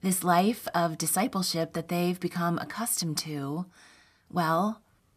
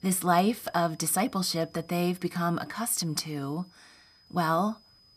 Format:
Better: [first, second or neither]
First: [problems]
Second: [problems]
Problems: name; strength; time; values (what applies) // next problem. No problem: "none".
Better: first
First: none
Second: high-pitched whine; faint; throughout; 5 kHz, 30 dB below the speech